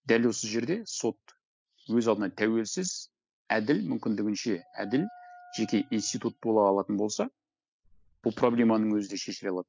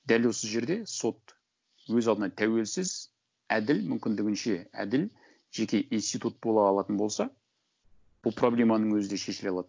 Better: second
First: noise reduction (classical method spectral subtraction)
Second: none

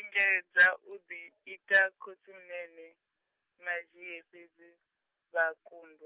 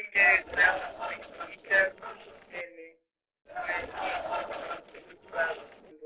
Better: first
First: none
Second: noise reduction (neural separator model SepFormer DNS4)

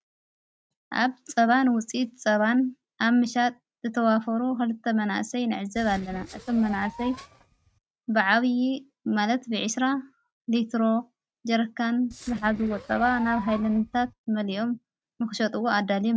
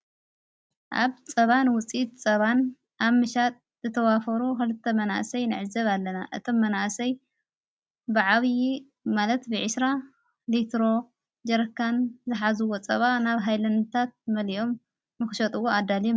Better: second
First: noise reduction (neural mask model RNNoise)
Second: none

